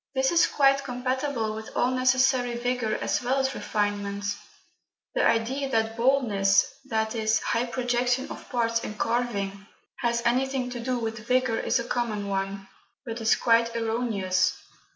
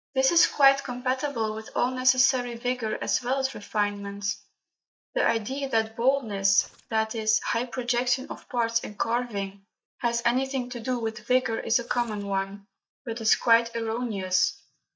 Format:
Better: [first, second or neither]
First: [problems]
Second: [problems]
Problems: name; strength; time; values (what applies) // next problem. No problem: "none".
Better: first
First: none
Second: noise reduction (neural mask model DeepFilterNet 3)